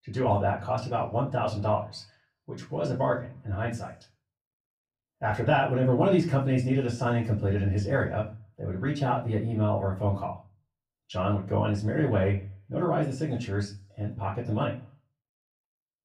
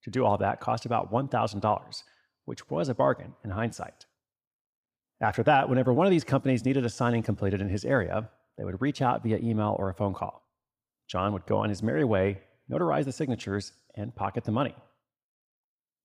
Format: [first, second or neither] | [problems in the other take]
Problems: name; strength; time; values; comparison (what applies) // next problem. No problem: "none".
second | off-mic speech; far // room echo; very slight; dies away in 0.3 s